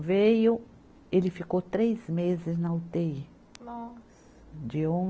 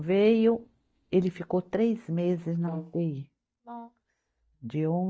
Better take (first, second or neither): first